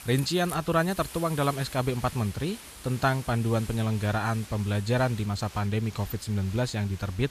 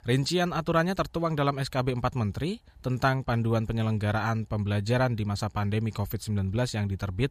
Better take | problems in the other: second | hiss; noticeable; throughout; 15 dB below the speech

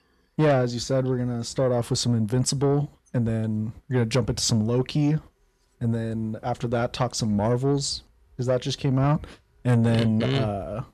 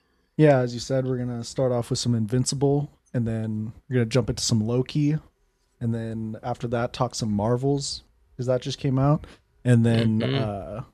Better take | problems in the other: second | distortion; slight; 10 dB below the speech

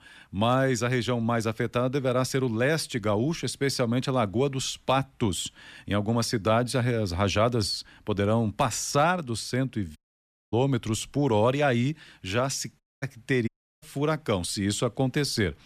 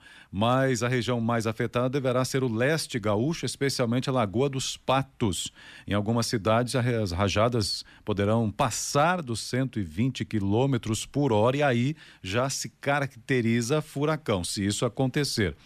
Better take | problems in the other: second | audio cutting out; at 10 s for 0.5 s and at 13 s

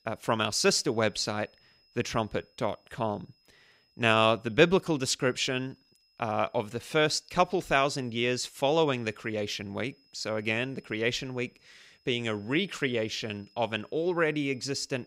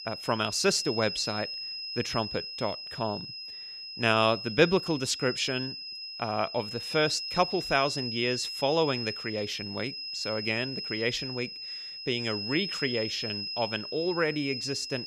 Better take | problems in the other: first | high-pitched whine; loud; throughout; 5 kHz, 5 dB below the speech; faint in the first

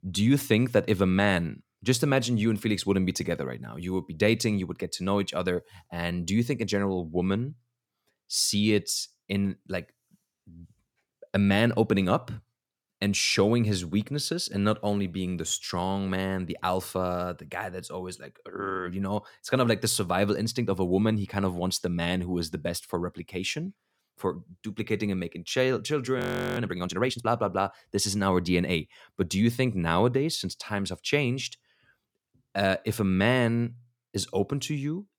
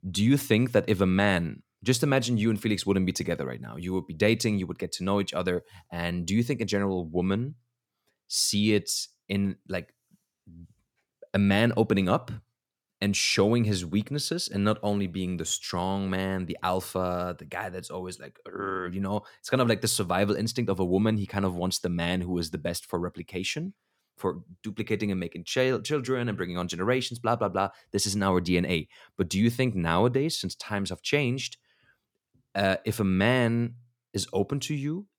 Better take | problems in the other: second | audio freezing; at 26 s

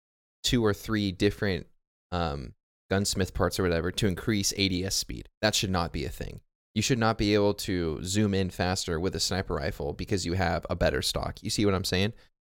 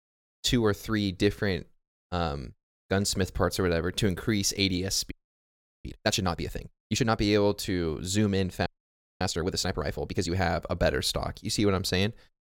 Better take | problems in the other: first | audio freezing; at 5 s for 0.5 s and at 8.5 s for 0.5 s

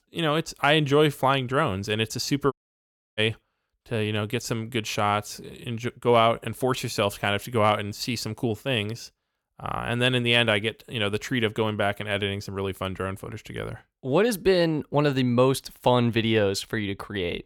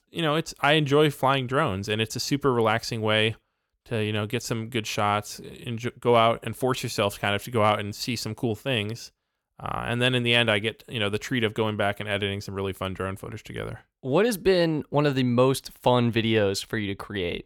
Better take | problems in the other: second | audio cutting out; at 2.5 s for 0.5 s

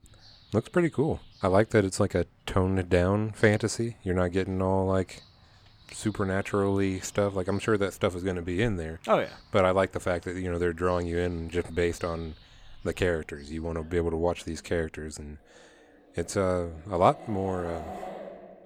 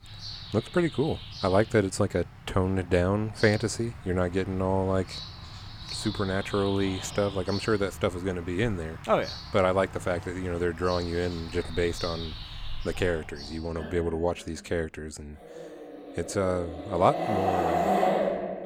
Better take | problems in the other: first | animal sounds; loud; throughout; 7 dB below the speech; faint in the first

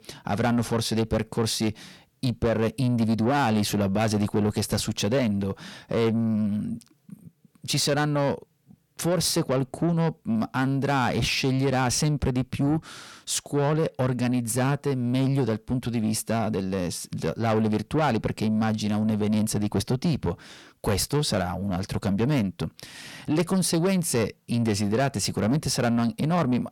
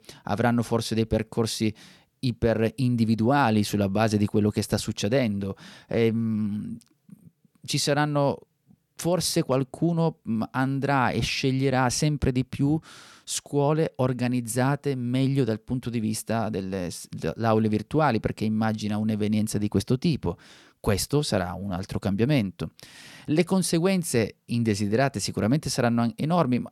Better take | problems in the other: second | distortion; slight; 10 dB below the speech

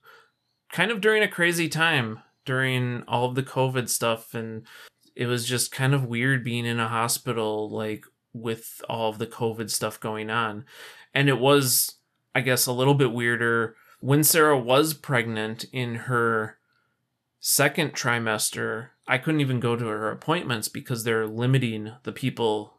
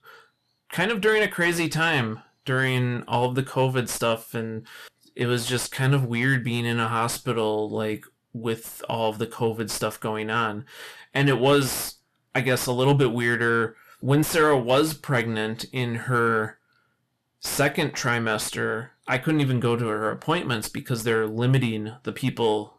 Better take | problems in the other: first | distortion; slight; 10 dB below the speech

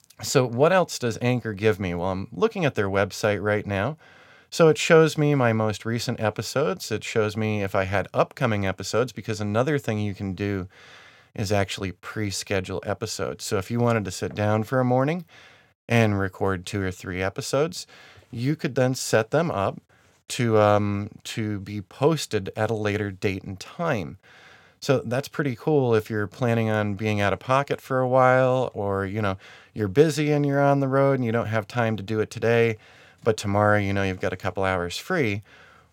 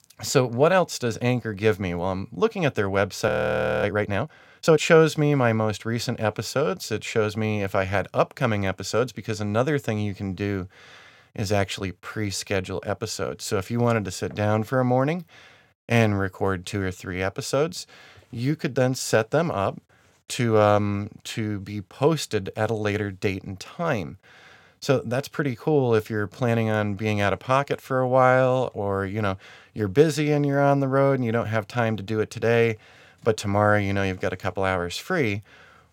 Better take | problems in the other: first | audio freezing; at 3.5 s for 0.5 s

